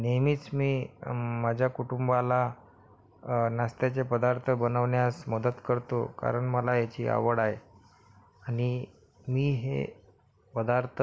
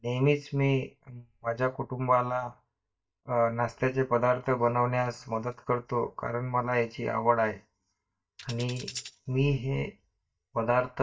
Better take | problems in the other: first | noise reduction (neural mask model DeepFilterNet 3)

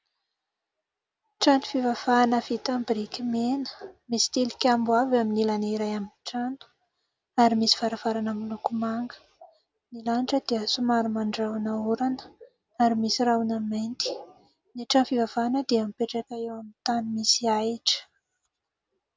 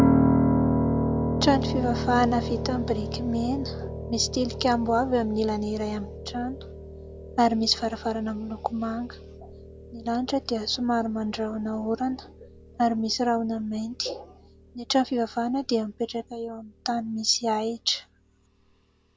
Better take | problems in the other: first | background sound (Piano); 3 dB below the speech

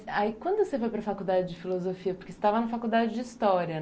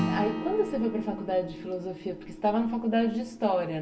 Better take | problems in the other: first | background sound (Acoustic guitar / Strum); 8 dB below the speech // room echo; dies away in 0.9 s

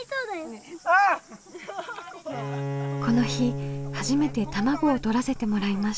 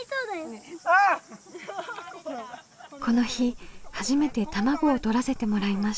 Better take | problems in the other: second | background sound (Bowed string instrument); 9 dB below the speech

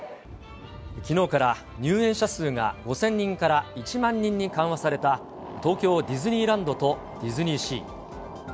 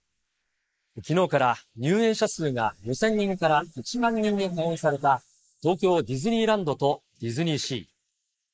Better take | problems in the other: first | noise reduction (neural mask model Resemble Enhance denoiser)

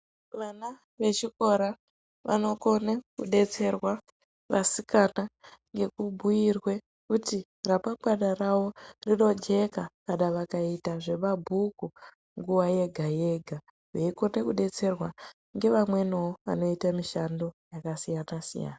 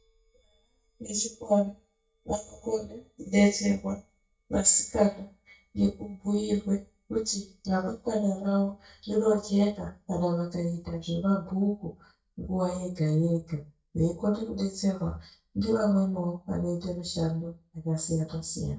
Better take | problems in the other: first | noise reduction (neural mask model DeepFilterNet 3)

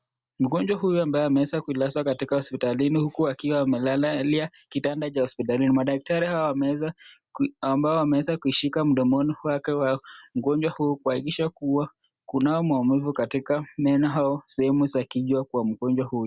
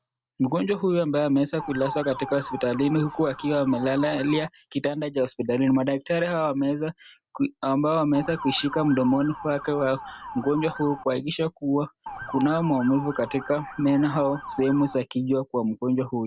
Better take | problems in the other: first | background sound (Motor vehicle (road) / Siren); 12 dB below the speech

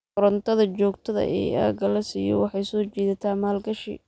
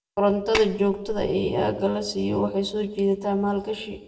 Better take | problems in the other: first | background sound (Tap); 8 dB below the speech // room echo; dies away in 0.7 s

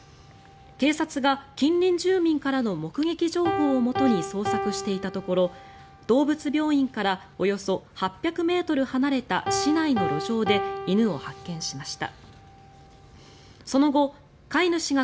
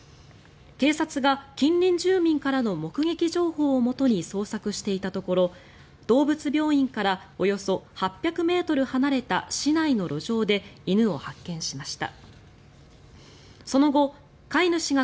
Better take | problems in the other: second | background sound (Piano); 10 dB below the speech

